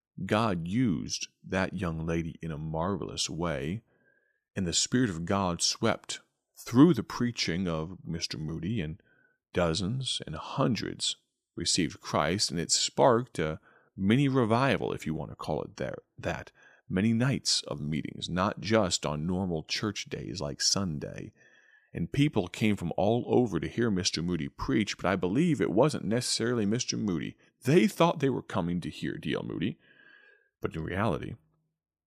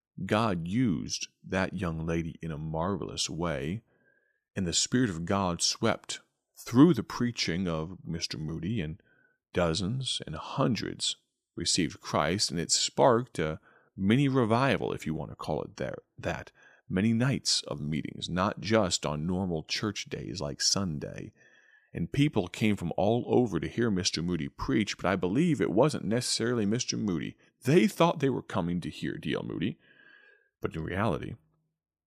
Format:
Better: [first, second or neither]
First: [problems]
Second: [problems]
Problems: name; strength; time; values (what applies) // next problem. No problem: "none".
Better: neither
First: none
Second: none